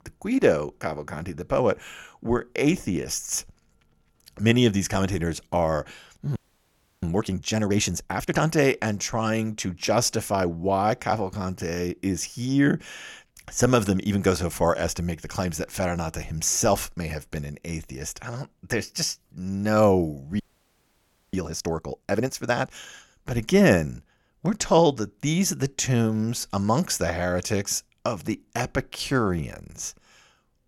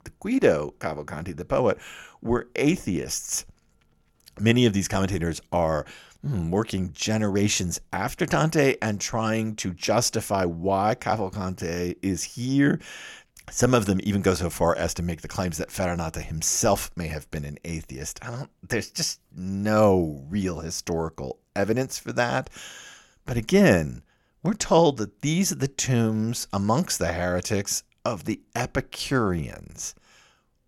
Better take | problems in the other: second | audio freezing; at 6.5 s for 0.5 s and at 20 s for 1 s

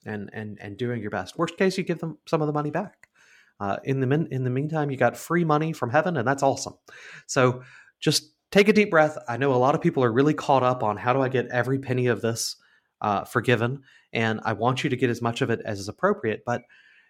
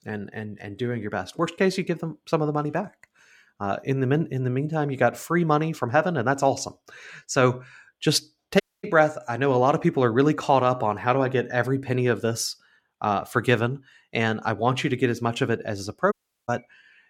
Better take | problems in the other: first | audio cutting out; at 8.5 s and at 16 s

